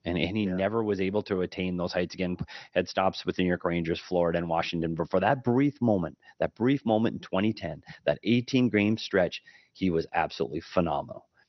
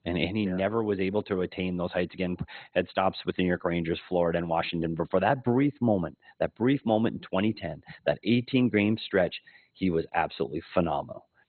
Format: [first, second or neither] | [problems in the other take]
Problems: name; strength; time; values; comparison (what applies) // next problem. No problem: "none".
first | garbled, watery; badly; nothing above 4 kHz; slightly in the first